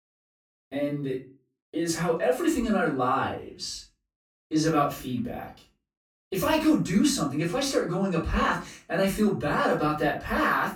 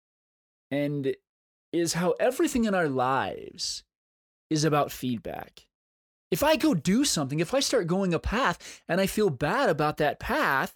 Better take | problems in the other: second | room echo; slight; dies away in 0.3 s // off-mic speech; far

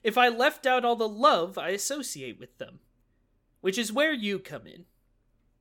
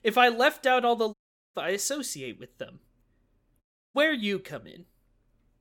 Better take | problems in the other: first | audio cutting out; at 1 s and at 3.5 s

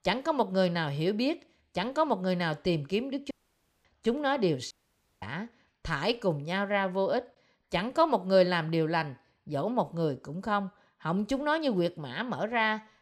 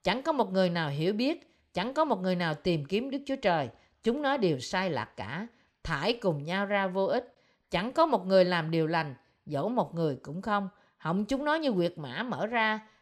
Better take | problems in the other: second | audio cutting out; at 3.5 s for 0.5 s and at 4.5 s for 0.5 s

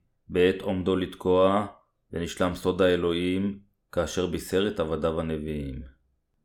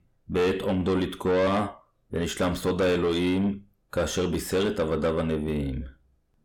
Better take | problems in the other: first | distortion; heavy; 8 dB below the speech

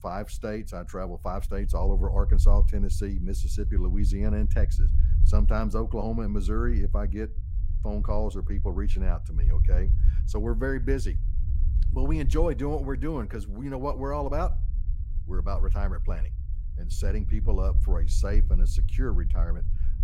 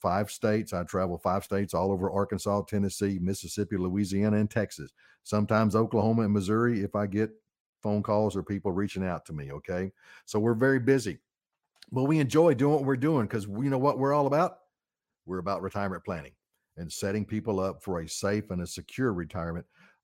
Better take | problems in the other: second | low rumble; noticeable; throughout; 15 dB below the speech

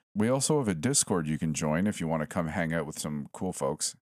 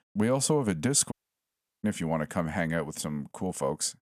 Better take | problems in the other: first | audio cutting out; at 1 s for 0.5 s

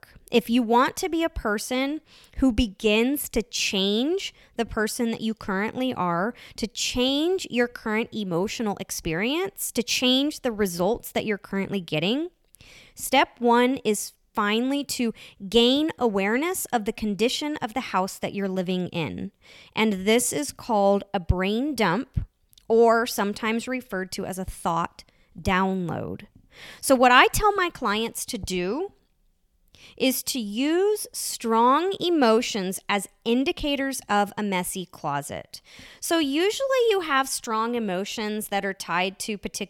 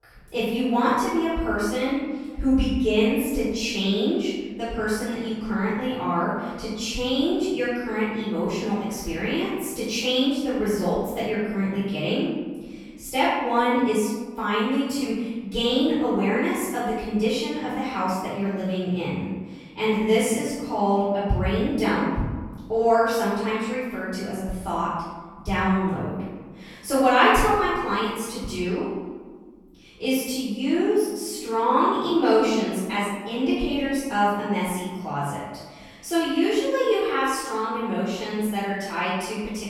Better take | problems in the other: first | off-mic speech; far // room echo; strong; dies away in 1.3 s

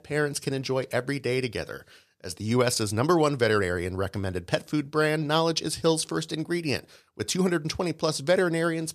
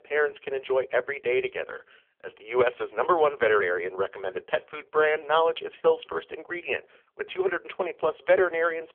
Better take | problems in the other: first | phone-call audio; poor line; nothing above 3.5 kHz

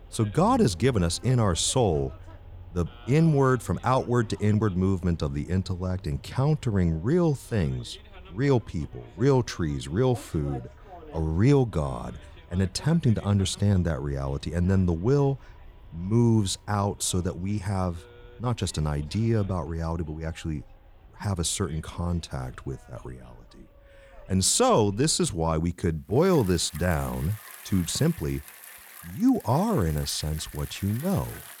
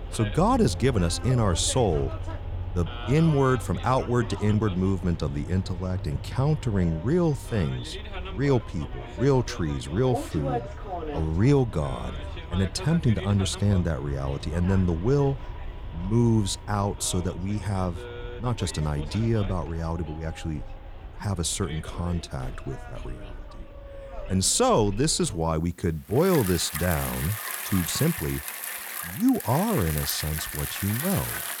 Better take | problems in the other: first | traffic noise; loud; throughout; 10 dB below the speech; faint in the first

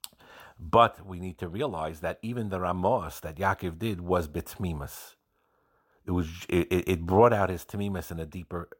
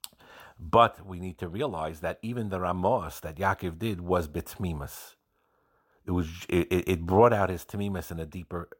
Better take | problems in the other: neither | none

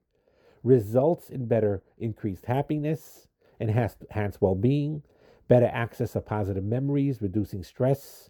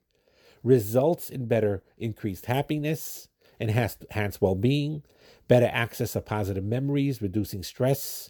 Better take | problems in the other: second | muffled; slightly; fading above 2 kHz

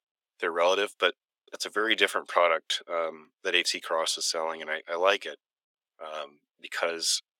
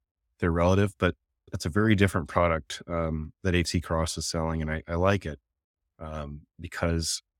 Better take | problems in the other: second | thin; very; fading below 400 Hz

